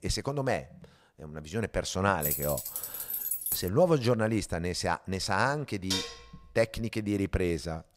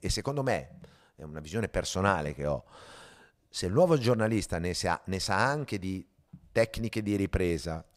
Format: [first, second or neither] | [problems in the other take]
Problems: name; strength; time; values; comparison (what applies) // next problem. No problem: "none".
second | jangling keys; loud; from 2 to 3.5 s; peak 1 dB above the speech // clattering dishes; noticeable; at 6 s; peak 2 dB below the speech